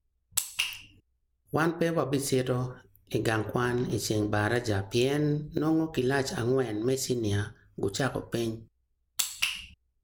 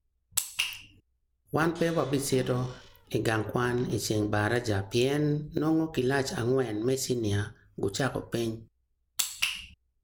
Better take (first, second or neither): first